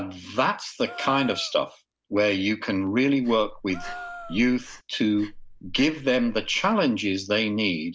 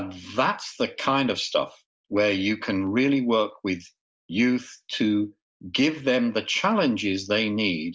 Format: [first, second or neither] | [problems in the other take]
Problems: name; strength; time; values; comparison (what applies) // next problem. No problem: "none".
second | background sound (Gasp + Breathing); 16 dB below the speech